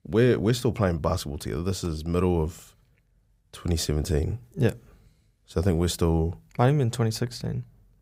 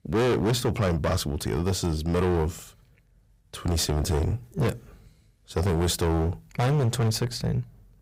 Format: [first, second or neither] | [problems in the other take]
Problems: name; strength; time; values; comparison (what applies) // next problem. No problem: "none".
first | distortion; heavy; 18% of the sound clipped